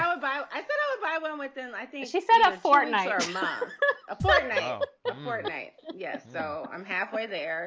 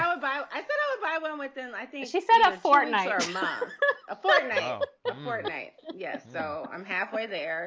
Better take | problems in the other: second | background sound (Thump, thud); 11 dB below the speech

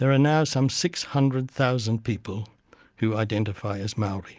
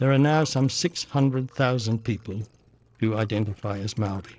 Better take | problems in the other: first | noise reduction (neural separator model SepFormer DNS4)

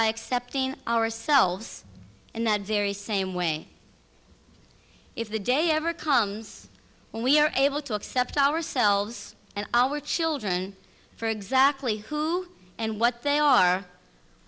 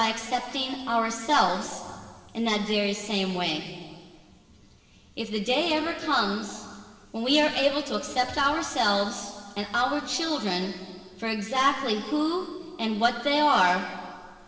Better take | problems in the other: first | room echo; dies away in 1.9 s

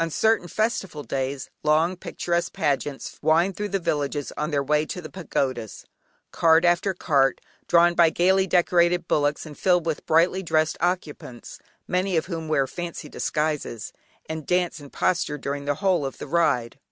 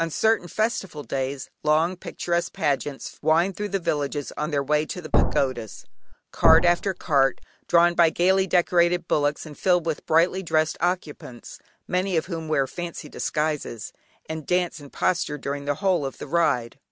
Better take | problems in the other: first | background sound (Thump, thud); 2 dB above the speech

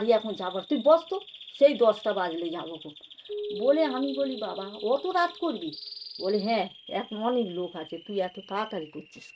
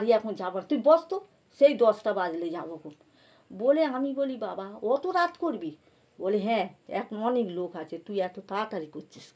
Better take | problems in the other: second | noise reduction (neural mask model RNNoise)

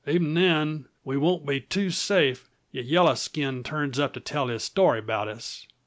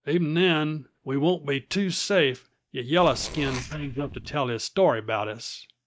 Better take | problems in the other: first | noise reduction (neural mask model DeepFilterNet 3)

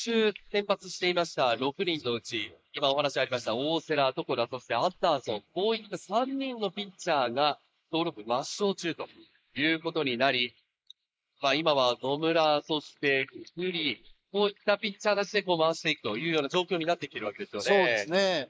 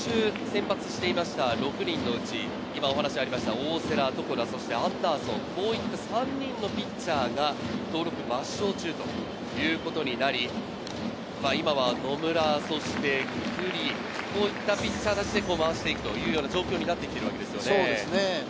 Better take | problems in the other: second | noise reduction (neural mask model Resemble Enhance denoiser)

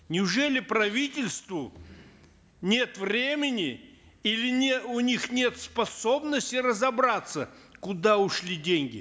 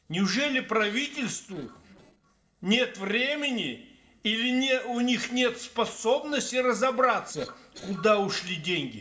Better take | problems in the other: first | noise reduction (neural separator model SepFormer DNS4)

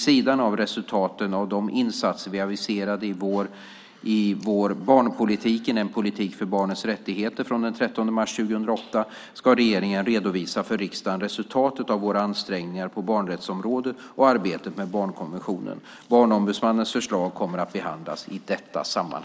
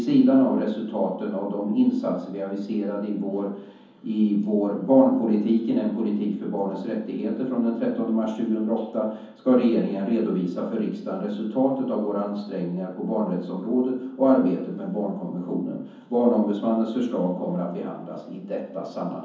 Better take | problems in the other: first | room echo; dies away in 0.7 s

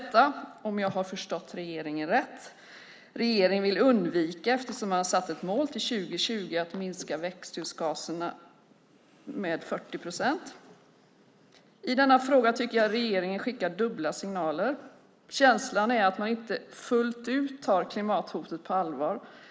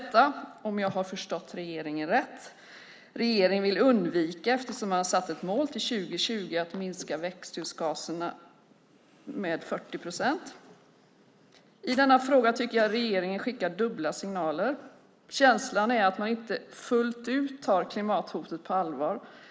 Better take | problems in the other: first | background sound (Clapping); 19 dB below the speech

